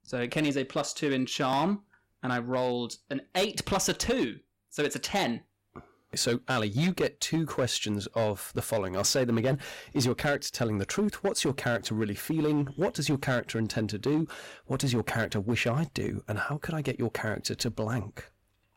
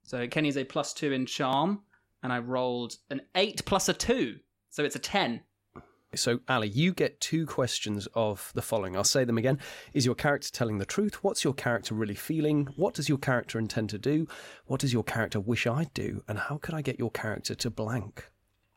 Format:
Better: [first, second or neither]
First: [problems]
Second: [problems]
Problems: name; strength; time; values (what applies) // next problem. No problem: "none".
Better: second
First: distortion; slight; 6% of the sound clipped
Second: none